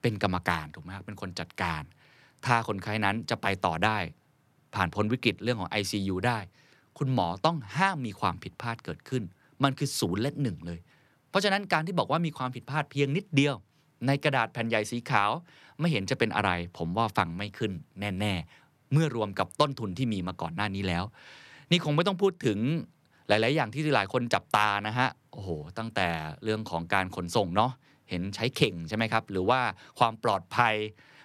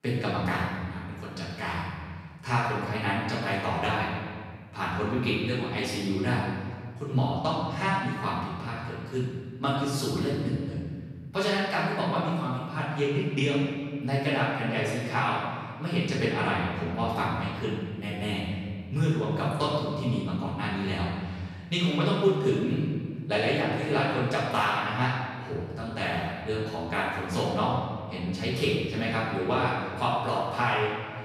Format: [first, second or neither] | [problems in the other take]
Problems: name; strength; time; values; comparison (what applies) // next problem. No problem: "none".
first | room echo; strong; dies away in 1.7 s // off-mic speech; far